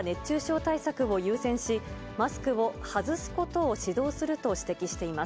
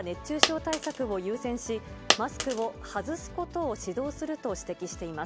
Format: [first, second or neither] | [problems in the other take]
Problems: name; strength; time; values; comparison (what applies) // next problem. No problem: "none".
first | background sound (Coin (dropping)); as loud as the speech